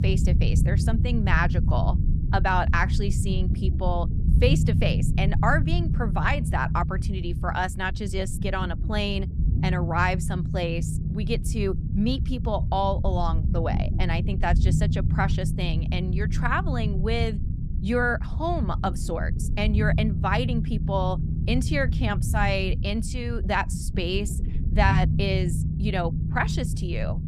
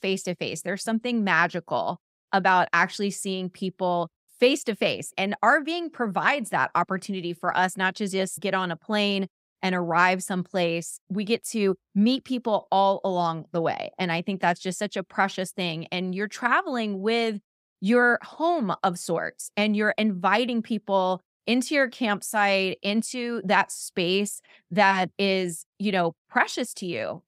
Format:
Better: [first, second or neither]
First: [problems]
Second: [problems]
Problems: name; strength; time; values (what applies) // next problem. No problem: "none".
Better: second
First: low rumble; noticeable; throughout; 10 dB below the speech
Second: none